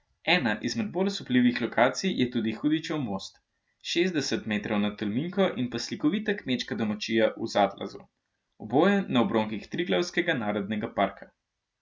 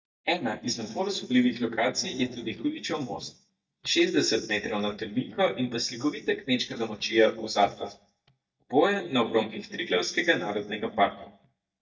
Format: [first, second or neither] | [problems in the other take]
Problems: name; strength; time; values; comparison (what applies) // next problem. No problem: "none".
first | noise reduction (neural mask model DeepFilterNet 3)